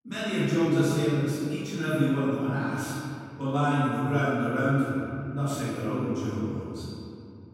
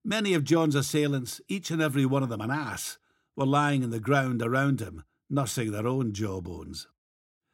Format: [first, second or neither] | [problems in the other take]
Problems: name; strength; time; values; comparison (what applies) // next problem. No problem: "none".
second | room echo; strong; dies away in 2.5 s // off-mic speech; far